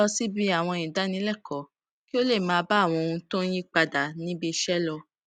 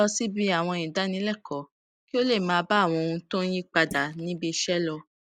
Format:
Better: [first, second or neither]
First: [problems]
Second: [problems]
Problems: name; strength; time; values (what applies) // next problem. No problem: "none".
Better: first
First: none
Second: noise reduction (neural mask model Resemble Enhance denoiser)